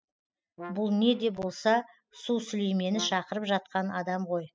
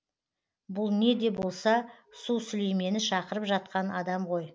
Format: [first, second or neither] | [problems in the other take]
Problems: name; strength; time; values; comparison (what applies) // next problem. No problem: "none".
second | noise reduction (classical method spectral subtraction)